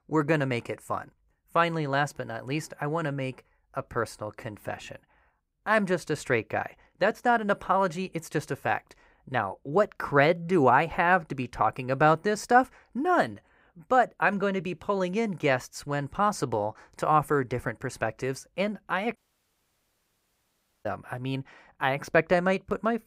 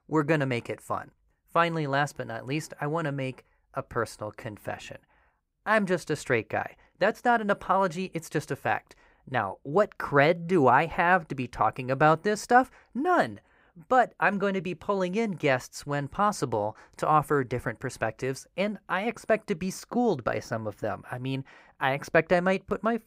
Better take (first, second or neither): second